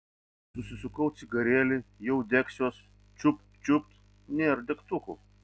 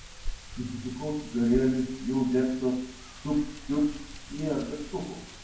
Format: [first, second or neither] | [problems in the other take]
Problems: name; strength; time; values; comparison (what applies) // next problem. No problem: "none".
first | background sound (Wind); 11 dB below the speech // room echo; dies away in 0.9 s